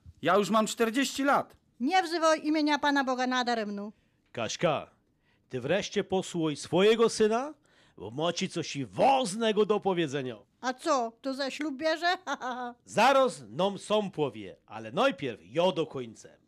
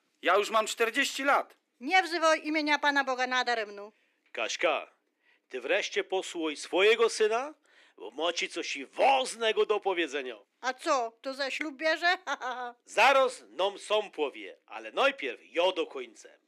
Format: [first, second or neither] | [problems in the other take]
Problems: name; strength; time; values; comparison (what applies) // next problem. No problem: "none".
first | thin; somewhat; fading below 300 Hz